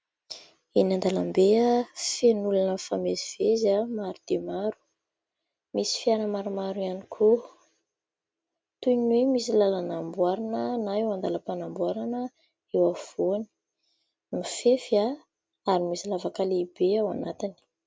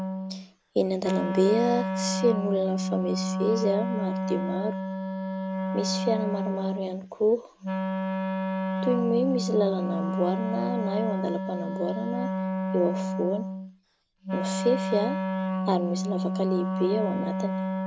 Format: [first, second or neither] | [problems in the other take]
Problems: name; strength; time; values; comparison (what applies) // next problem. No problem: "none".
first | background sound (Wind instrument, woodwind instrument); as loud as the speech